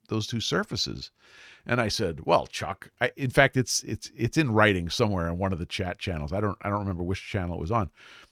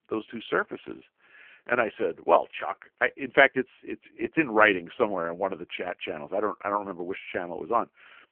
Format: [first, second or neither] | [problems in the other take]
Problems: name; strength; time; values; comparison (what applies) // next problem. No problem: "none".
first | phone-call audio; poor line; nothing above 3 kHz